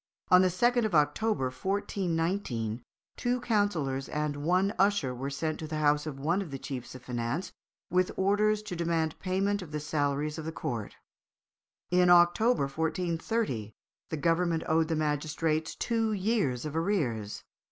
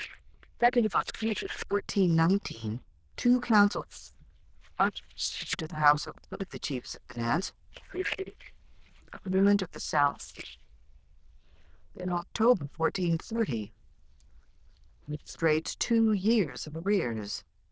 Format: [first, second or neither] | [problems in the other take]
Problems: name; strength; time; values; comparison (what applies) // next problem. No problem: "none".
first | noise reduction (neural diffusion model UNIVERSE++)